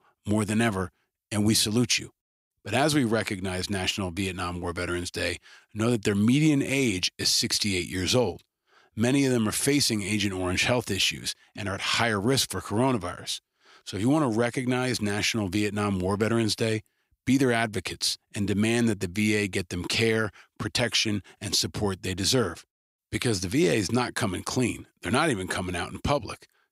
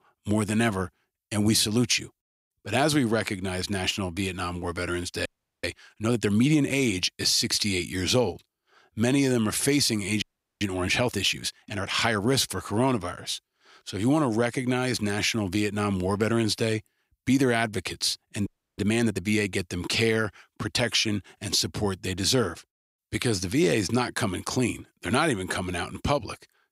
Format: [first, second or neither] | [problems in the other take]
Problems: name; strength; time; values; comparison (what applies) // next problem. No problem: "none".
first | audio freezing; at 5.5 s, at 10 s and at 18 s